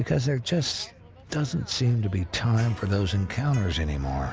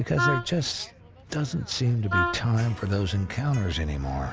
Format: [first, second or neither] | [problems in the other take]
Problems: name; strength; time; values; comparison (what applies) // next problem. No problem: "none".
first | background sound (Wind instrument, woodwind instrument); 3 dB below the speech